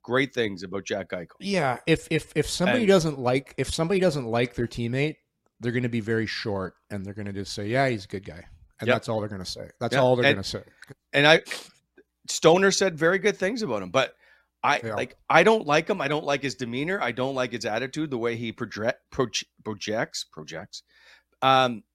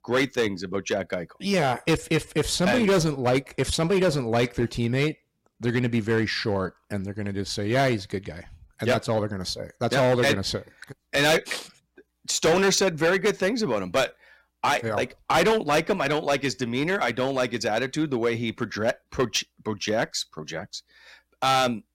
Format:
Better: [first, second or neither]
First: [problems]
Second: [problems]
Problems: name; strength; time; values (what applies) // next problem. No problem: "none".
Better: first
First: none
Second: distortion; heavy; 7% of the sound clipped